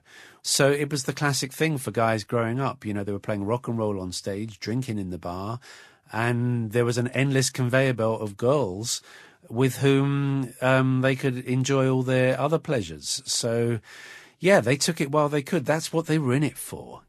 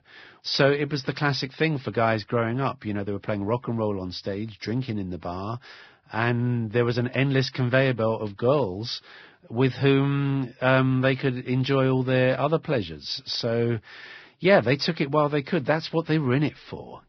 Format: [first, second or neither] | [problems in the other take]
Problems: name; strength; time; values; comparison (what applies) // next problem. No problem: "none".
first | garbled, watery; badly; nothing above 5.5 kHz; slightly in the first